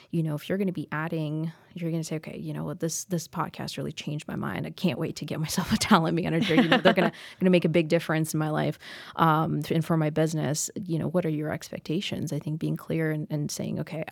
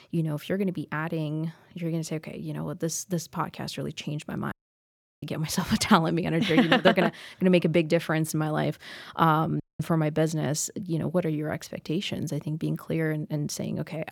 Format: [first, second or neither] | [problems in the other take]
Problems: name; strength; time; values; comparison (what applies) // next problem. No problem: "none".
first | audio cutting out; at 4.5 s for 0.5 s and at 9.5 s